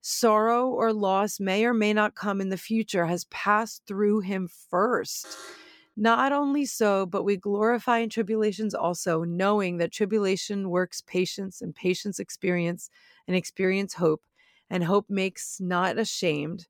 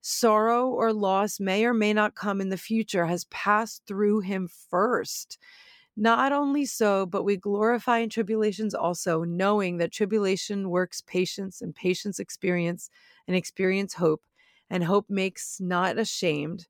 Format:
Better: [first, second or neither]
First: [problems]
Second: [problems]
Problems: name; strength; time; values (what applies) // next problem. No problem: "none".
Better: second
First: alarm; faint; at 5 s; peak 15 dB below the speech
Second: none